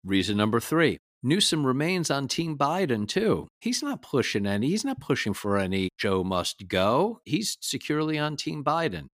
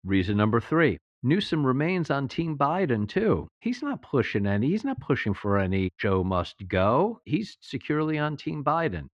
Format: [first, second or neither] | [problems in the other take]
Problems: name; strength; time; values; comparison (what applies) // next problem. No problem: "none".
first | muffled; very; fading above 2 kHz